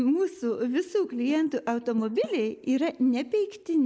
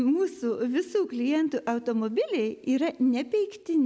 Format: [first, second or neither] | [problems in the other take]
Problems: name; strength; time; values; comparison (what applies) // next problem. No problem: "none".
second | noise reduction (neural mask model Resemble Enhance denoiser)